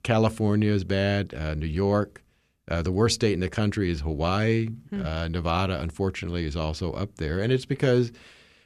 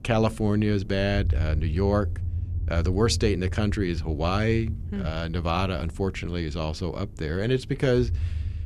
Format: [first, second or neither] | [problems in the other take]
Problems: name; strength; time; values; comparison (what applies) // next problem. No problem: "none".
first | low rumble; faint; throughout; 20 dB below the speech